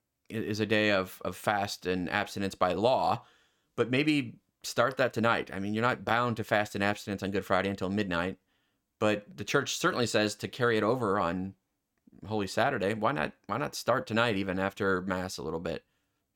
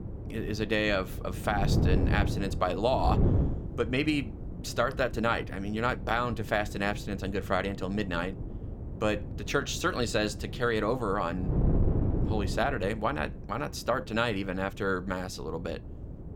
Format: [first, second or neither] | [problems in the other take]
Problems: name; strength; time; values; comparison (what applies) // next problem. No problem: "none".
first | wind noise on the microphone; occasional gusts; 15 dB below the speech